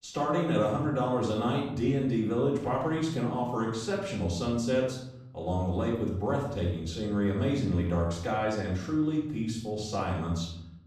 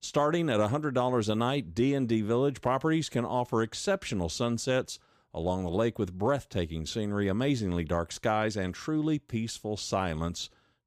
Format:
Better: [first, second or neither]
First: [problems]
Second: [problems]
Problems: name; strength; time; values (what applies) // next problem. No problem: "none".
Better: second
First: off-mic speech; far // room echo; noticeable; dies away in 0.9 s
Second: none